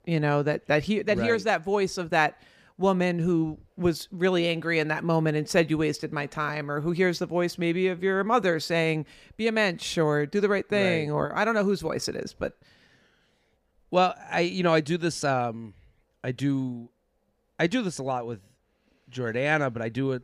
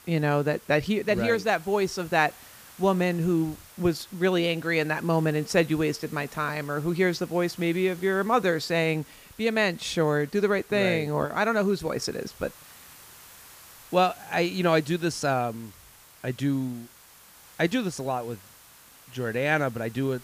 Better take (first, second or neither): first